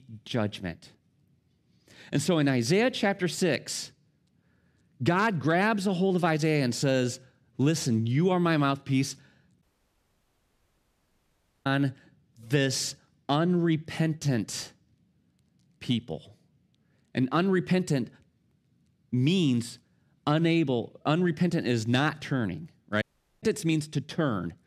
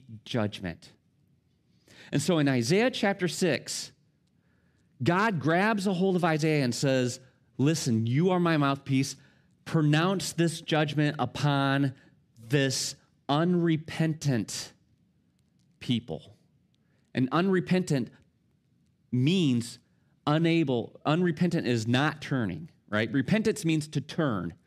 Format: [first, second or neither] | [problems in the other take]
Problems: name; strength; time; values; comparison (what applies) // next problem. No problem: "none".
second | audio cutting out; at 9.5 s for 2 s and at 23 s